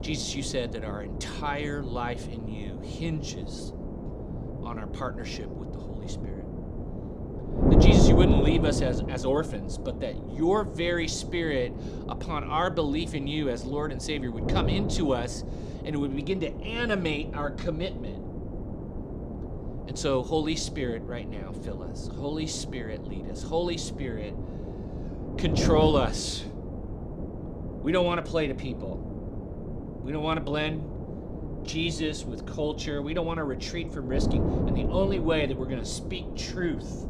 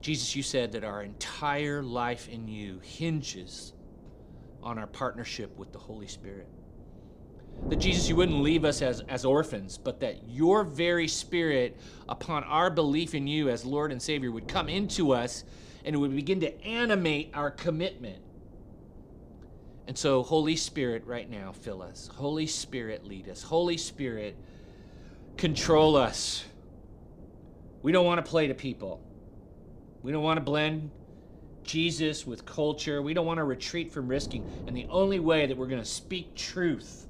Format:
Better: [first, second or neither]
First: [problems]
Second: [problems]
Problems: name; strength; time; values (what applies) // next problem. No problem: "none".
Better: second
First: wind noise on the microphone; heavy; 6 dB below the speech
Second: wind noise on the microphone; occasional gusts; 20 dB below the speech